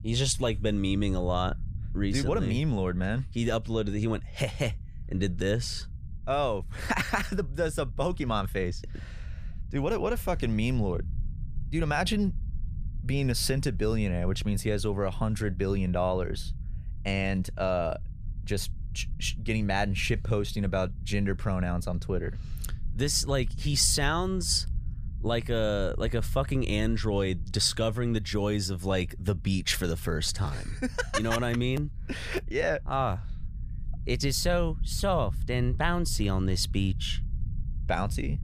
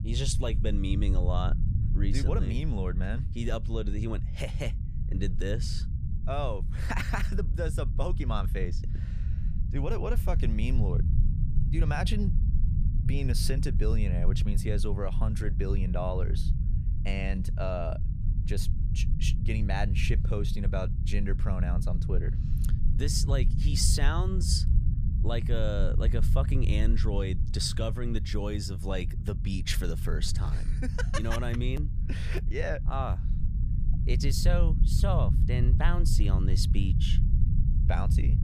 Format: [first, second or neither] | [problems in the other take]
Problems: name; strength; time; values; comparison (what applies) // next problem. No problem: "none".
first | low rumble; loud; throughout; 9 dB below the speech; faint in the first